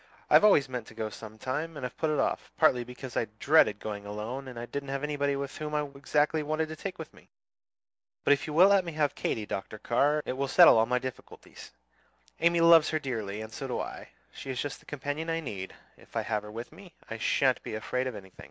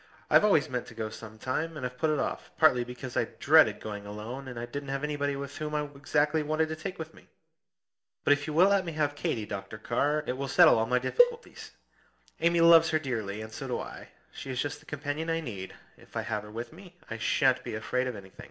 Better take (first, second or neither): first